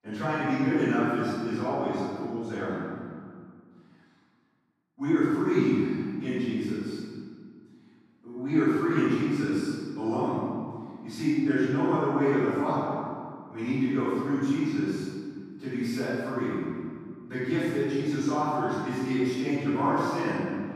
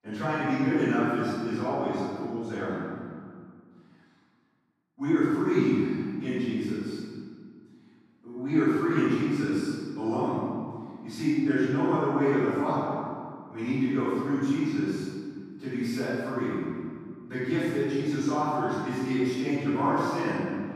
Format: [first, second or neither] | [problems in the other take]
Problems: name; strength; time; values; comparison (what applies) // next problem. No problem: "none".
neither | room echo; strong; dies away in 1.9 s; the same in both // off-mic speech; far; the same in both